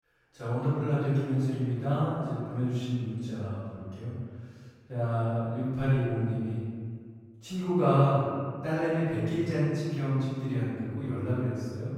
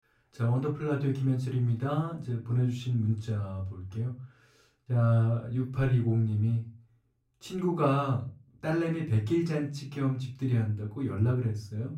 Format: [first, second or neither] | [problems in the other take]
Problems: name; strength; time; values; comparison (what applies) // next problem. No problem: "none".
second | room echo; strong; dies away in 1.7 s; slight in the second // off-mic speech; far; far in the second